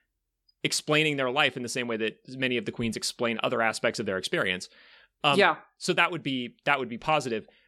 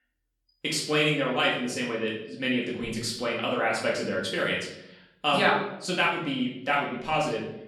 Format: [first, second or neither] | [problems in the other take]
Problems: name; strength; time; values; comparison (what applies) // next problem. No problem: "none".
first | off-mic speech; far // room echo; noticeable; dies away in 0.6 s